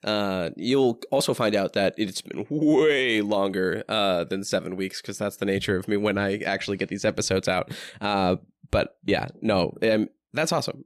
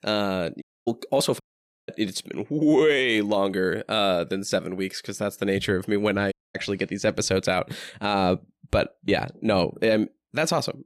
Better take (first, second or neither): first